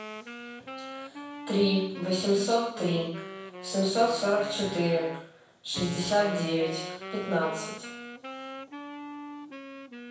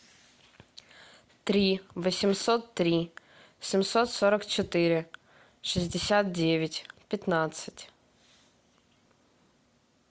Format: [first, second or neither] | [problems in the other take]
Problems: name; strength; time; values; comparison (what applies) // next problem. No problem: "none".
second | background sound (Wind instrument, woodwind instrument); 11 dB below the speech // room echo; dies away in 0.7 s